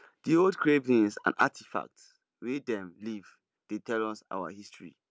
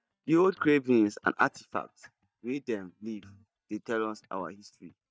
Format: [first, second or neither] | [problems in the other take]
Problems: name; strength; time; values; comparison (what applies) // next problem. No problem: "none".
first | noise reduction (neural mask model DeepFilterNet 3)